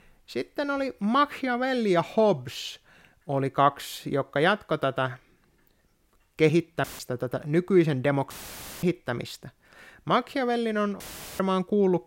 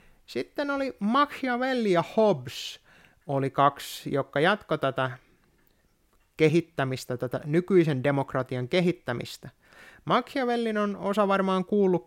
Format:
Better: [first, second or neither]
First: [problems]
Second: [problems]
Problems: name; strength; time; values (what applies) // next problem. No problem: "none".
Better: second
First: audio cutting out; filled with static; at 7 s, at 8.5 s for 0.5 s and at 11 s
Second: none